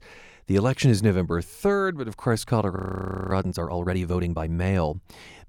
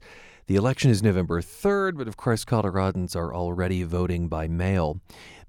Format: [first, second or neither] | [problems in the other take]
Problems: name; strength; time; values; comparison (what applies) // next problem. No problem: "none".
second | audio freezing; at 3 s for 0.5 s